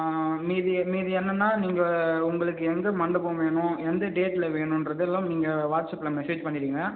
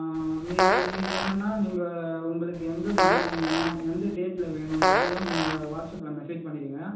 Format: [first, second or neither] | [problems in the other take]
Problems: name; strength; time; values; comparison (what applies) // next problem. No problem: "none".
first | background sound (Fart); 2 dB above the speech // room echo; dies away in 0.6 s